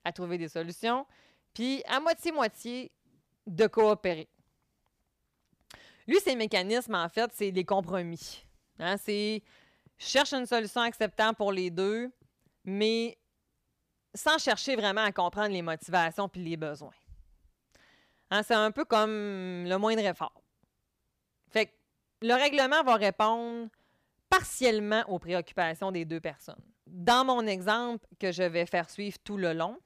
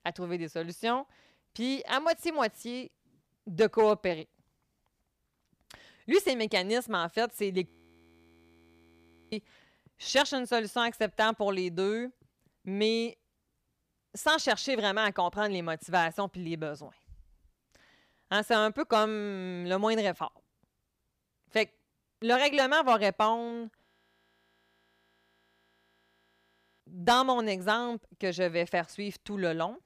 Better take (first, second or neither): first